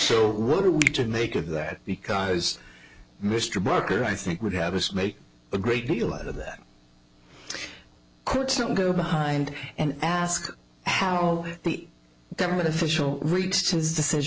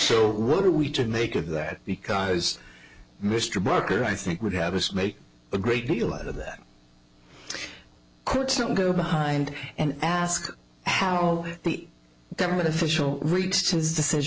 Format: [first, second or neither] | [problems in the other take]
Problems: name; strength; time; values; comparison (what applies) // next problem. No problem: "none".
second | background sound (Finger snapping); 6 dB below the speech